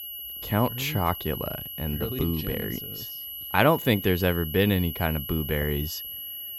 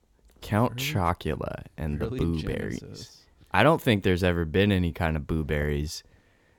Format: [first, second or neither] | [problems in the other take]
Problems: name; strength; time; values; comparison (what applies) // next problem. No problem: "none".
second | high-pitched whine; loud; throughout; 11.5 kHz, 8 dB below the speech